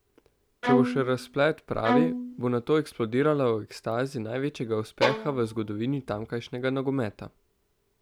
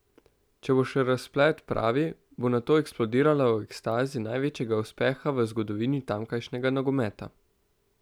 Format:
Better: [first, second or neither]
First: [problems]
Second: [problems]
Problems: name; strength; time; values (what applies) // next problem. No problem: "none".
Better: second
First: background sound (Bowed string instrument + Bowed string instrument); 2 dB below the speech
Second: none